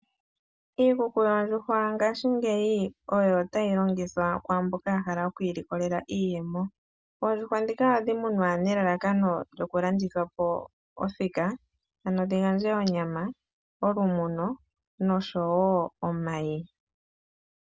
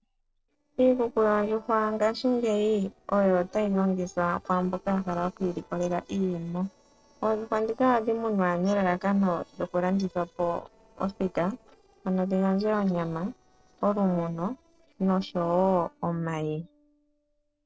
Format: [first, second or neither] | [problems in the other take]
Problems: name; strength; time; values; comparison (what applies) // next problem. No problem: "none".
first | noise reduction (neural separator model SepFormer DNS4)